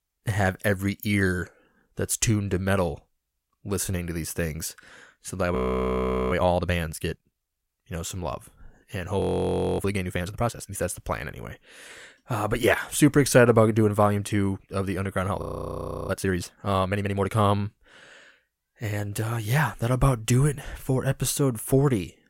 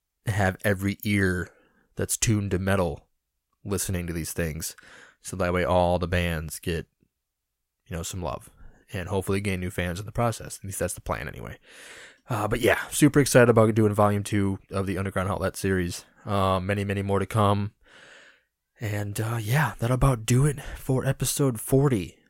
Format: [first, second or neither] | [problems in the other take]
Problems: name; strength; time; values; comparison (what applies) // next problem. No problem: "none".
second | audio freezing; at 5.5 s for 1 s, at 9 s for 0.5 s and at 15 s for 0.5 s